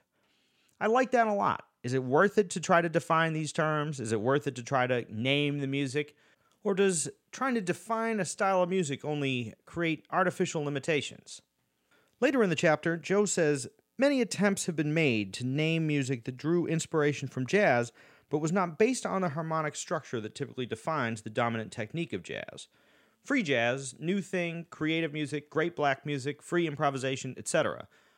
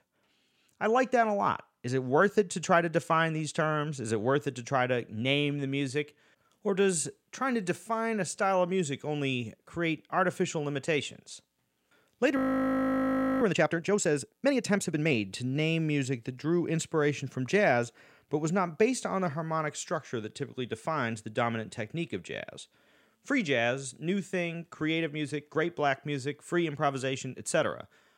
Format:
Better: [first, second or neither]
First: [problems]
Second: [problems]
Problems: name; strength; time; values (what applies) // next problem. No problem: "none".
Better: first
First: none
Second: audio freezing; at 12 s for 1 s